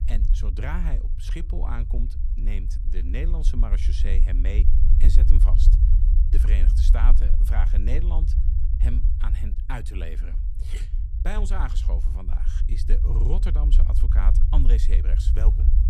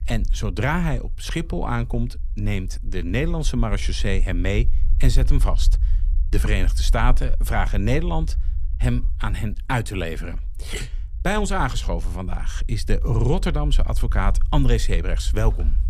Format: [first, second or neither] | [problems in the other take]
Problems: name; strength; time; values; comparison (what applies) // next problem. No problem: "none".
second | low rumble; loud; throughout; 5 dB below the speech; faint in the second